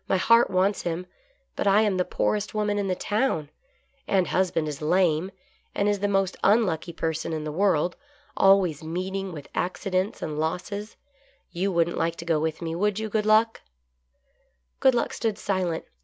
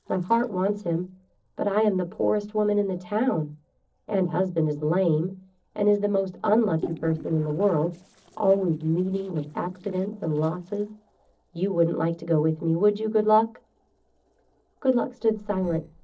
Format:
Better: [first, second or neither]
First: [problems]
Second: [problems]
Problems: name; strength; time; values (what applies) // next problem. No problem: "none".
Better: first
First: none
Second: noise reduction (neural separator model SepFormer DNS4)